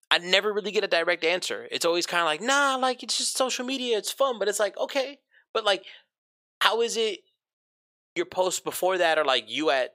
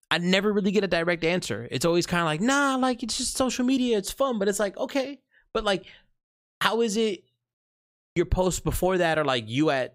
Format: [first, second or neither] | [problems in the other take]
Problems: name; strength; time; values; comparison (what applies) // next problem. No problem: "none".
second | thin; somewhat; fading below 550 Hz